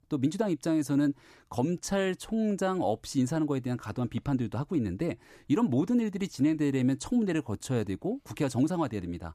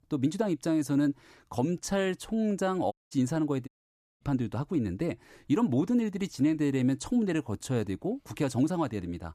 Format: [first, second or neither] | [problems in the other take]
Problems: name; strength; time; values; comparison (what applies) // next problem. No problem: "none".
first | audio cutting out; at 3 s and at 3.5 s for 0.5 s